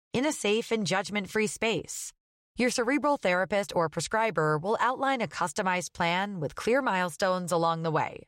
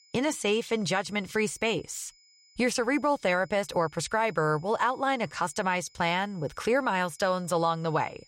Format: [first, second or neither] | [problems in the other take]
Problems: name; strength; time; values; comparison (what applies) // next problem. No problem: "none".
first | high-pitched whine; faint; throughout; 5 kHz, 30 dB below the speech